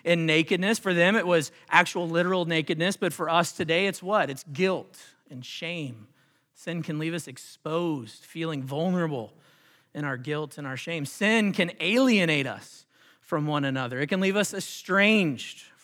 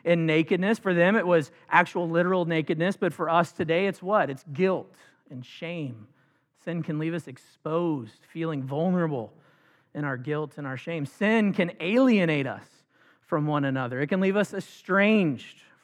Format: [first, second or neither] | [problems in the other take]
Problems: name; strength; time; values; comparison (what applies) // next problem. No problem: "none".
first | muffled; slightly; fading above 2.5 kHz